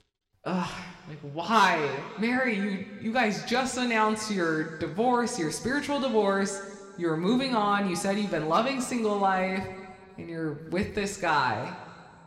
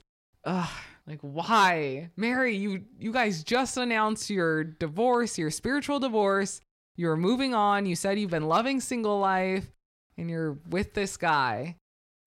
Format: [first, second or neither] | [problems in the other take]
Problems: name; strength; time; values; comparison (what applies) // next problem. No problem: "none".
second | room echo; very slight; dies away in 1.7 s